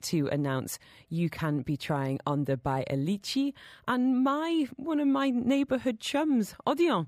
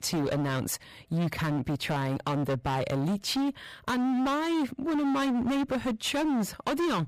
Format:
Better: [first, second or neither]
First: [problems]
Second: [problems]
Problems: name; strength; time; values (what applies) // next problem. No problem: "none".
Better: first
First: none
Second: distortion; heavy; 31% of the sound clipped